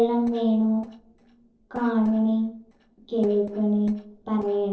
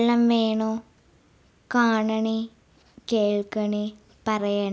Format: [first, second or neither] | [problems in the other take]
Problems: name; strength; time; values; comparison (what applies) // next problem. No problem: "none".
second | noise reduction (neural separator model SepFormer DNS4)